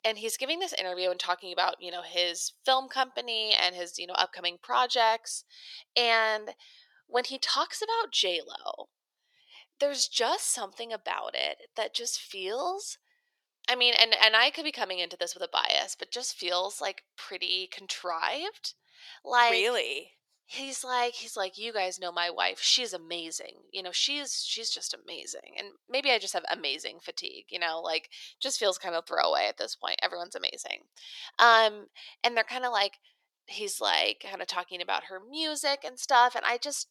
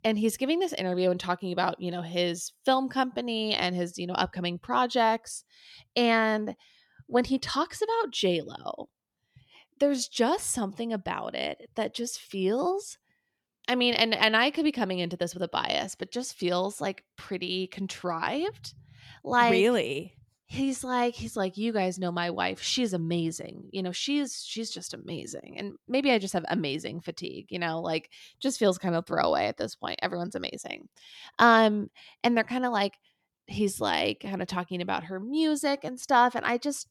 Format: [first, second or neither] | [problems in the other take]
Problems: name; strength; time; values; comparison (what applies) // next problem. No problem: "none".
second | thin; very; fading below 500 Hz